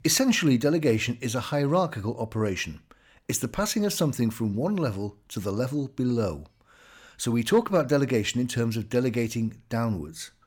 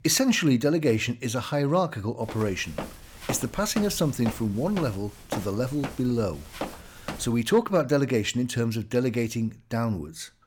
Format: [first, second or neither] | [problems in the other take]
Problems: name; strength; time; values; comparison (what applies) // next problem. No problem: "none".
first | footsteps; noticeable; from 2.5 to 7.5 s; peak 9 dB below the speech